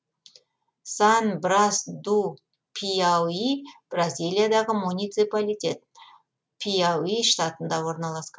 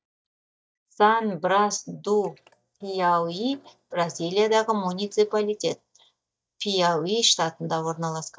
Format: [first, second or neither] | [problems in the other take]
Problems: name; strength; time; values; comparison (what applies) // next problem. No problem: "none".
first | noise reduction (neural mask model DeepFilterNet 3)